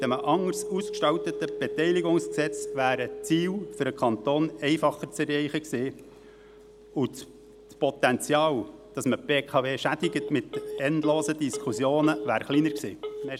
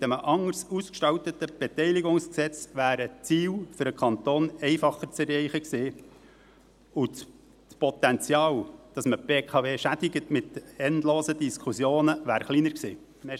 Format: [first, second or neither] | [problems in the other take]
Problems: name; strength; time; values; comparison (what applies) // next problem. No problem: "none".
second | background sound (Telephone); 11 dB below the speech